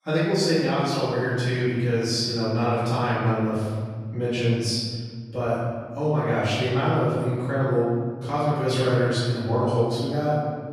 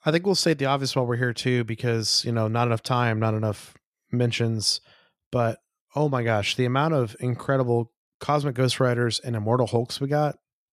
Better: second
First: room echo; strong; dies away in 1.7 s // off-mic speech; far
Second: none

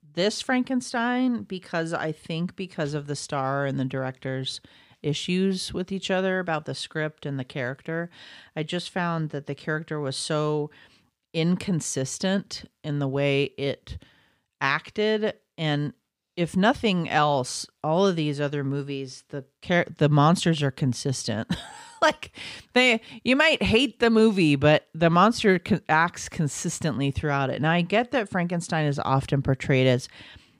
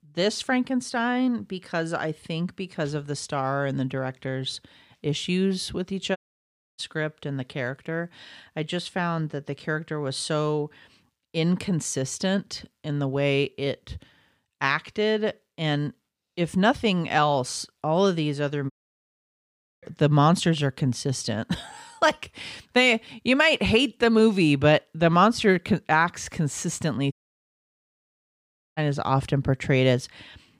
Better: first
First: none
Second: audio cutting out; at 6 s for 0.5 s, at 19 s for 1 s and at 27 s for 1.5 s

